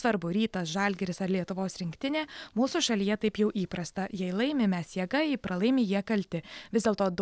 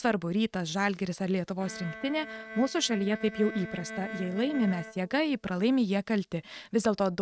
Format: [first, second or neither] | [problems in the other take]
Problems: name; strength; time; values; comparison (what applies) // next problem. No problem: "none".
first | noise reduction (neural mask model RNNoise)